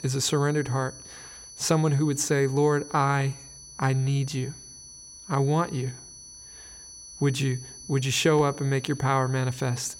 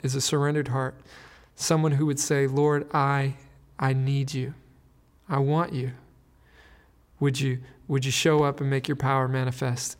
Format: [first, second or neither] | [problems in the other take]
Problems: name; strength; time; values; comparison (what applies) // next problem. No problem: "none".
second | high-pitched whine; noticeable; throughout; 6 kHz, 15 dB below the speech